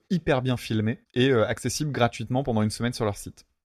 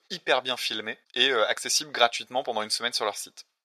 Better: first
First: none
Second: thin; very; fading below 750 Hz

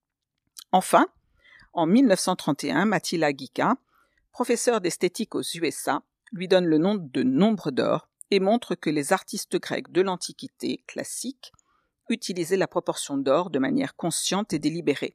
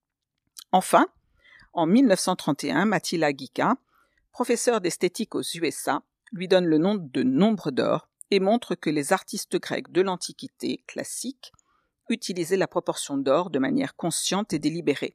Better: neither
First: none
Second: none

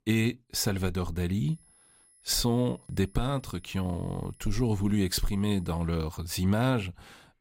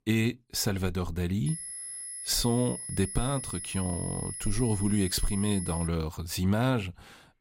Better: first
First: high-pitched whine; faint; from 1.5 to 6 s; 10.5 kHz, 30 dB below the speech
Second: high-pitched whine; loud; from 1.5 to 6 s; 10.5 kHz, 7 dB below the speech

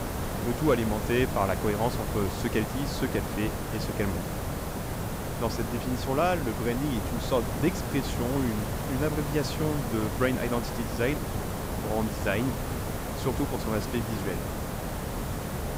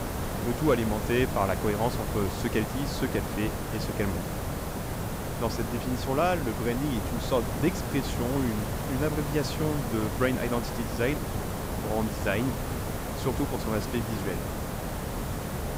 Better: neither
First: hiss; loud; throughout; 2 dB below the speech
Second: hiss; loud; throughout; 2 dB below the speech

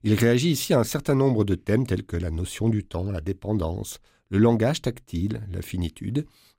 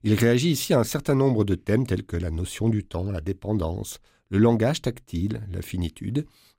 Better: neither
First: none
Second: none

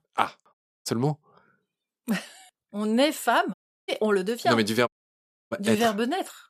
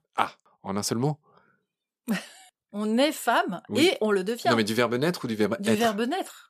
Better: second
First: audio cutting out; at 0.5 s, at 3.5 s and at 5 s for 0.5 s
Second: none

